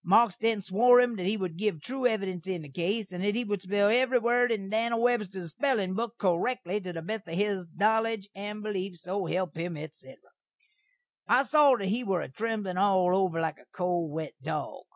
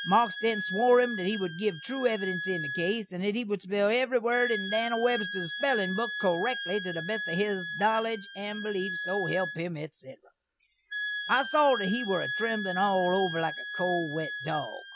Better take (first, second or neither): first